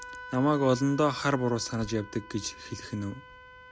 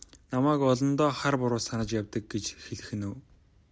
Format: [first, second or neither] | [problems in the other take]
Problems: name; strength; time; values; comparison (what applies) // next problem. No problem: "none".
second | background sound (Wind instrument, woodwind instrument); 16 dB below the speech